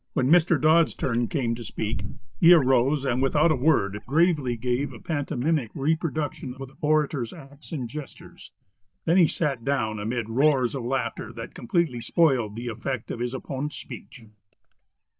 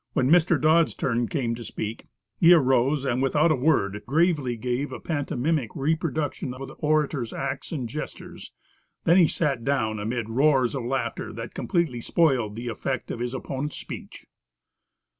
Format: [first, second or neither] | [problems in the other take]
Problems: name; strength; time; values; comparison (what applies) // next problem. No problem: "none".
second | noise reduction (neural mask model DeepFilterNet 3)